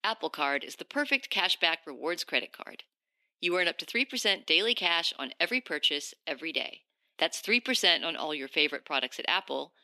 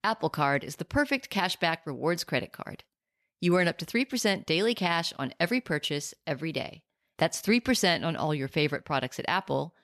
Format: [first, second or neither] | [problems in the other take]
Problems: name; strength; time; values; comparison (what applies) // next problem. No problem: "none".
second | thin; very slightly; fading below 250 Hz